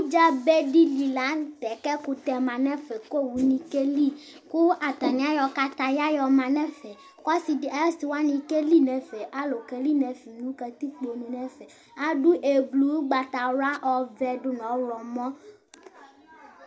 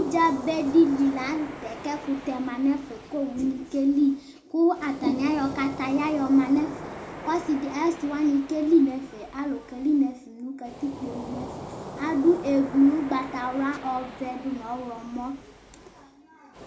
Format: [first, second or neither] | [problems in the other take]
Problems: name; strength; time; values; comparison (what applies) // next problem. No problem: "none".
first | background sound (Waves, surf); 15 dB below the speech // room echo; dies away in 0.3 s